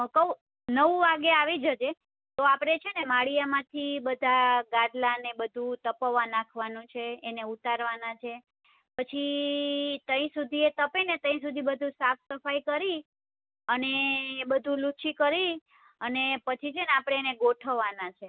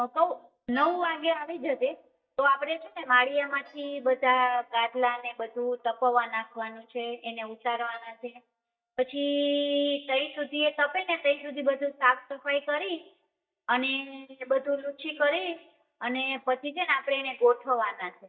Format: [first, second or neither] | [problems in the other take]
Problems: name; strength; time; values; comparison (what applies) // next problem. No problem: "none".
first | noise reduction (neural mask model DeepFilterNet 3)